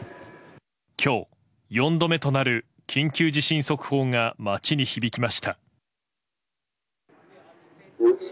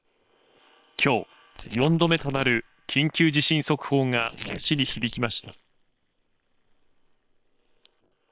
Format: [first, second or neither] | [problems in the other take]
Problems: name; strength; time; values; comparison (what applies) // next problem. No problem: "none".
first | noise reduction (neural separator model SepFormer WHAM!)